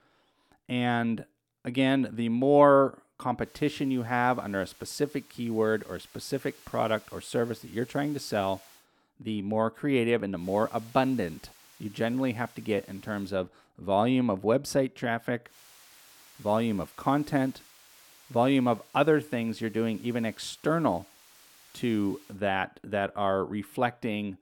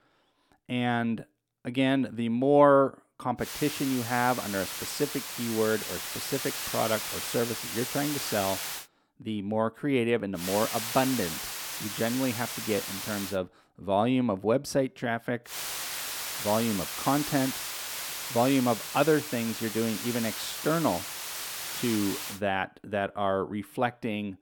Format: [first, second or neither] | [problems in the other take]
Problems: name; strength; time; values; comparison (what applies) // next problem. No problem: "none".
first | hiss; loud; from 3.5 to 9 s, from 10 to 13 s and from 16 to 22 s; 5 dB below the speech; faint in the first